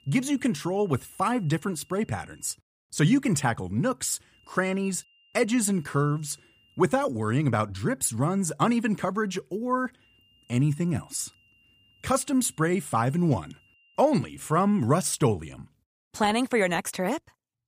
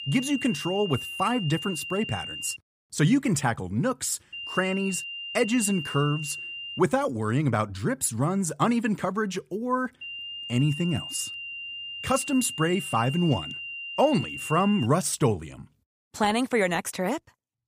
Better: first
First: high-pitched whine; faint; until 2.5 s, from 4.5 to 7 s and from 10 to 15 s; 3 kHz, 35 dB below the speech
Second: high-pitched whine; loud; until 2.5 s, from 4.5 to 7 s and from 10 to 15 s; 3 kHz, 8 dB below the speech

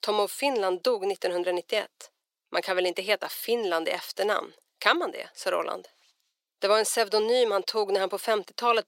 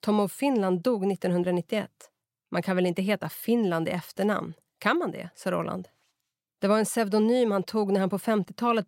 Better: second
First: thin; very; fading below 350 Hz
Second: none

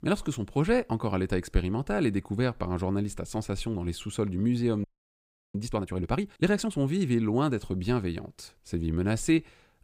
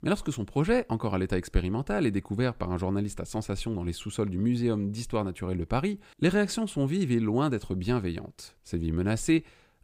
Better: second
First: audio freezing; at 5 s for 0.5 s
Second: none

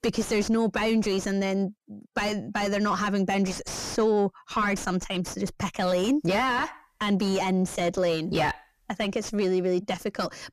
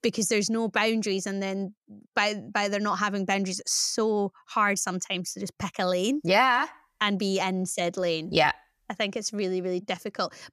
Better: second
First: distortion; heavy; 4 dB below the speech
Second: none

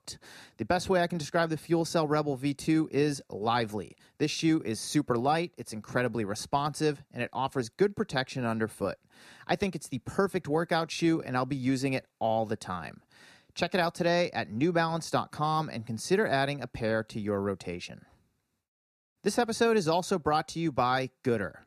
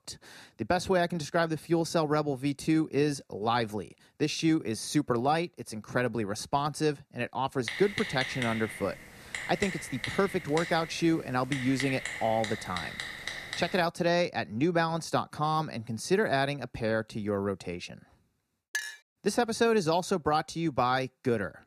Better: first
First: none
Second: keyboard typing; noticeable; from 7.5 to 14 s; peak 4 dB below the speech // clattering dishes; noticeable; at 19 s; peak 6 dB below the speech

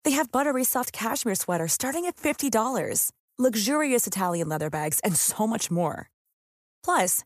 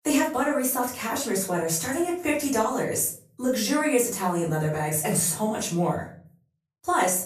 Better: first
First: none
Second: off-mic speech; far // room echo; slight; dies away in 0.4 s

